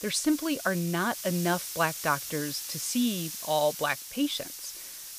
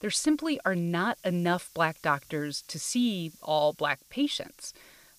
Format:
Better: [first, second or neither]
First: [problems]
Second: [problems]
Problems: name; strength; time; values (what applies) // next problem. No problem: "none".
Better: second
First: hiss; loud; throughout; 7 dB below the speech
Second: hiss; faint; throughout; 25 dB below the speech